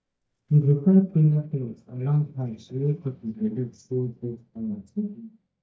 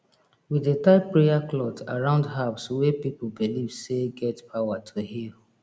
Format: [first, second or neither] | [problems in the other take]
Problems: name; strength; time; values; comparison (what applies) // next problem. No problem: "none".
second | noise reduction (neural mask model DeepFilterNet 3)